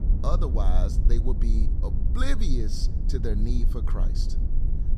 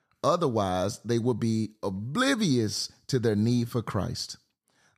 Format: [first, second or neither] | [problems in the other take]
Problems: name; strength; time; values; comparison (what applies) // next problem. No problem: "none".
second | low rumble; loud; throughout; 8 dB below the speech